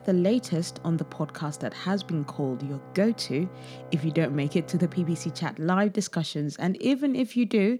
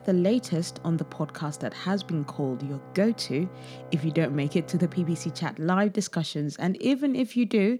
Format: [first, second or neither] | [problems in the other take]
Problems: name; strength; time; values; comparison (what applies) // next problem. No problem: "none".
neither | background music; noticeable; throughout; 15 dB below the speech; the same in both